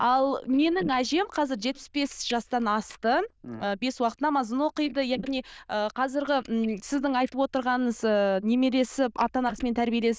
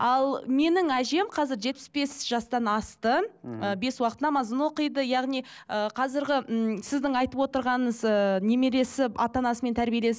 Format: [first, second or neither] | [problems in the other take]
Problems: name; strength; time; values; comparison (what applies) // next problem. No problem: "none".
second | noise reduction (neural diffusion model UNIVERSE++)